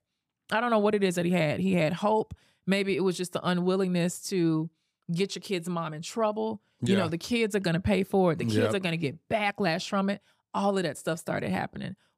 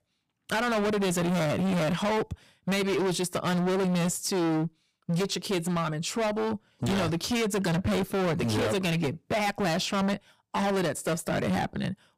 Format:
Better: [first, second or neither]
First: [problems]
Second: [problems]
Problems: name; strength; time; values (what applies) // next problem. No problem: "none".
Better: first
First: none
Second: distortion; heavy; 31% of the sound clipped